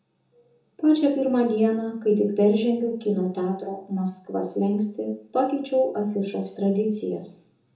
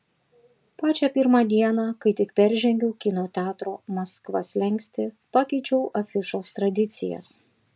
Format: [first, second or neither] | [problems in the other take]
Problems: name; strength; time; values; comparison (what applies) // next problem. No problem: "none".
second | room echo; dies away in 1 s